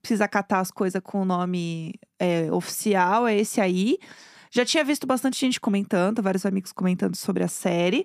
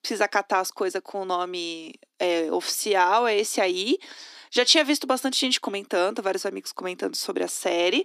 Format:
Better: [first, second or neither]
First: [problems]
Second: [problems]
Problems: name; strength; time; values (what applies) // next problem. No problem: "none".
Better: first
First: none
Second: thin; somewhat; fading below 300 Hz